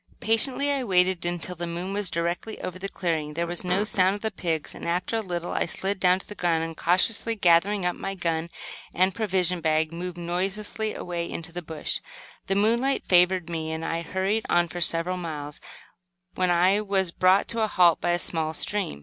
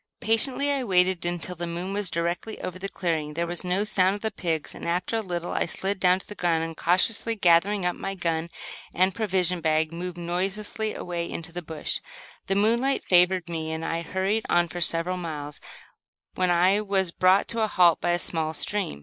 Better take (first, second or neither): first